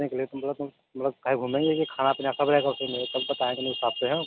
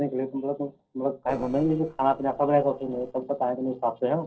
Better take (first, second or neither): first